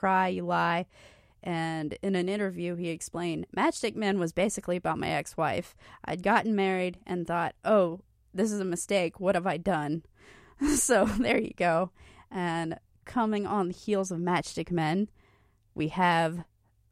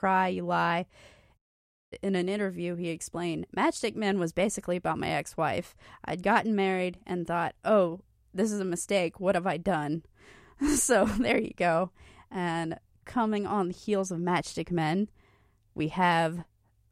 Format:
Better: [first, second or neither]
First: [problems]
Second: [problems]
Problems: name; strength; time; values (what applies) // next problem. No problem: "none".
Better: first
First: none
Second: audio cutting out; at 1.5 s for 0.5 s